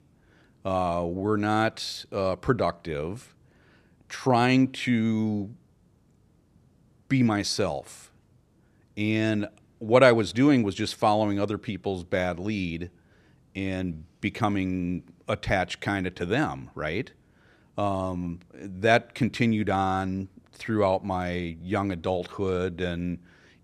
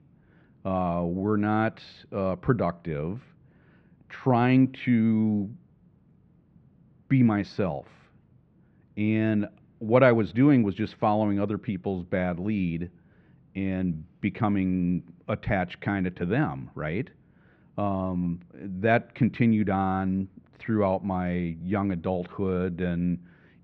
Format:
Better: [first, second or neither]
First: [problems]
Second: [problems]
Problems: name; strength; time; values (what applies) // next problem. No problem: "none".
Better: first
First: none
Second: muffled; very; fading above 2.5 kHz